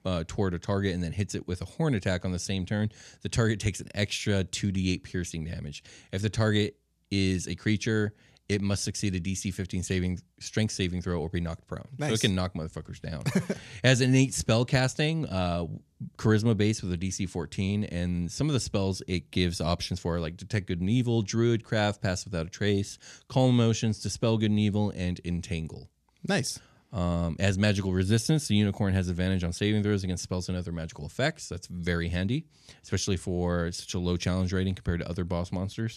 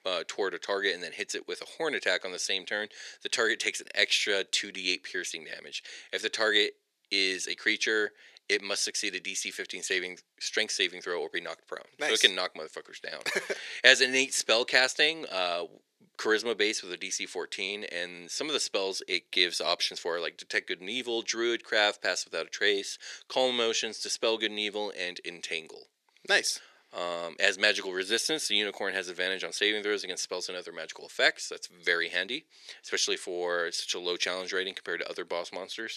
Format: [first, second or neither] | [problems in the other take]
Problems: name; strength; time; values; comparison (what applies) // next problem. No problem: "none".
first | thin; very; fading below 400 Hz